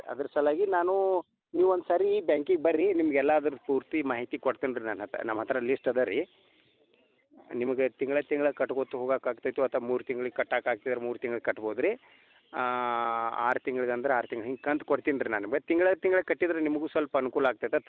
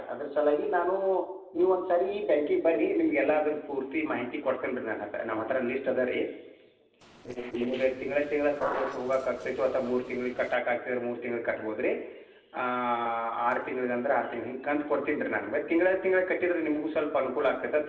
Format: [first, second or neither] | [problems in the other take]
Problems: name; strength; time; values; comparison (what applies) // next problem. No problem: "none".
first | noise reduction (neural separator model SepFormer DNS4)